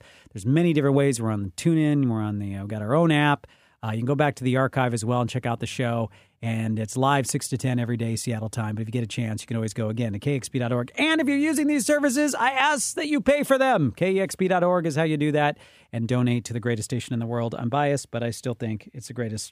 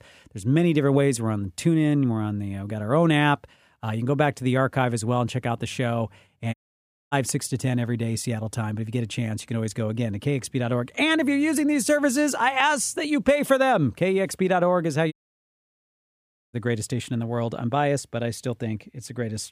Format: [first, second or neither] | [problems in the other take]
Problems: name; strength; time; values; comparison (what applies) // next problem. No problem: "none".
first | audio cutting out; at 6.5 s for 0.5 s and at 15 s for 1.5 s